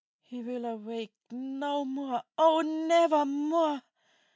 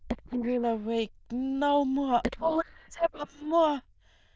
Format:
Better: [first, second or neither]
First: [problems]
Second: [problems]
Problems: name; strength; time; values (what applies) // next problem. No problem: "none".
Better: first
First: none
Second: noise reduction (neural diffusion model UNIVERSE++)